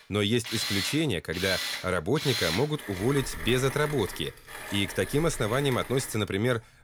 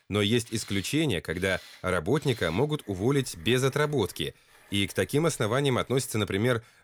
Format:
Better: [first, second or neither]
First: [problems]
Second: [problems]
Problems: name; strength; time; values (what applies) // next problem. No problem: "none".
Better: second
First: machinery noise; loud; throughout; 6 dB below the speech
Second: machinery noise; faint; throughout; 25 dB below the speech